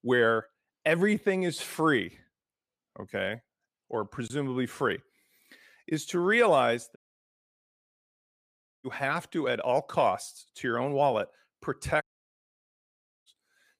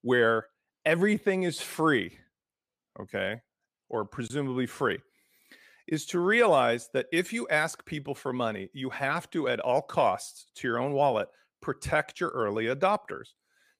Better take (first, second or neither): second